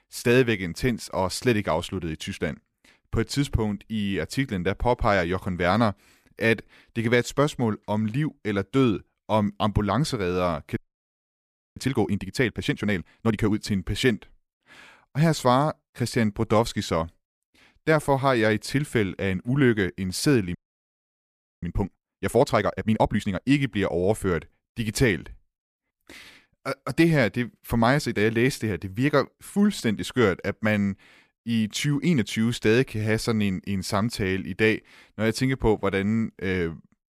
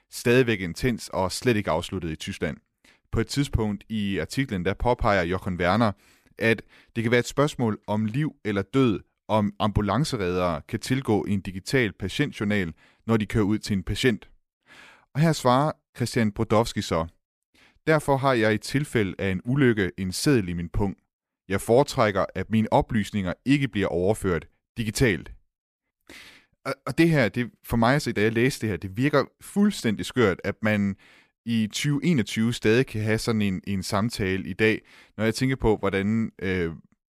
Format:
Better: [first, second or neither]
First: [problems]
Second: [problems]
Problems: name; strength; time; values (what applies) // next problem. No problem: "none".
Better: second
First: audio freezing; at 11 s for 1 s and at 21 s for 1 s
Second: none